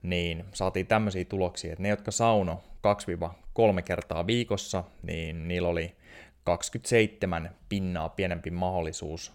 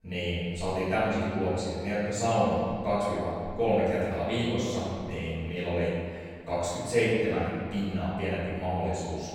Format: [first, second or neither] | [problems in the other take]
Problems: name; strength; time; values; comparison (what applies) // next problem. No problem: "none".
first | off-mic speech; far // room echo; strong; dies away in 2 s